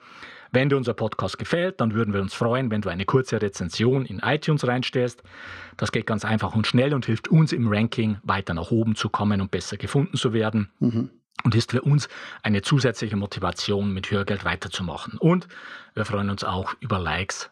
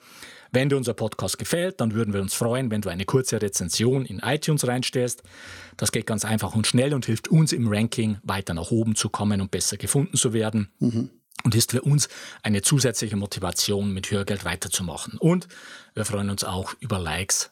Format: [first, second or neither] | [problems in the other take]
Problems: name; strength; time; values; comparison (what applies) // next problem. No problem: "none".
second | muffled; slightly; fading above 3 kHz